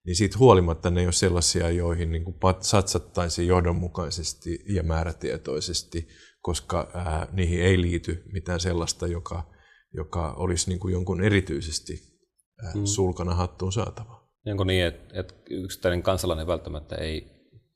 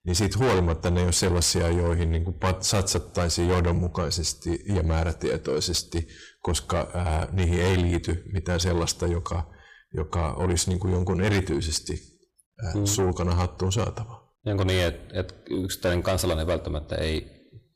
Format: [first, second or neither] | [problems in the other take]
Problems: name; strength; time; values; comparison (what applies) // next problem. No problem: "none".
first | distortion; heavy; 6 dB below the speech